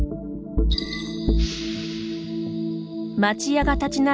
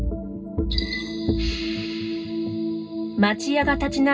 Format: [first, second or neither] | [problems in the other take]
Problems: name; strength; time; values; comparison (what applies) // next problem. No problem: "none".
first | room echo; dies away in 0.2 s